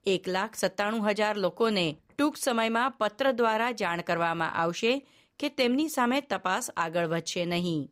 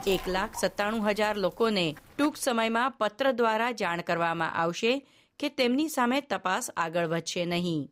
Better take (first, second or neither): first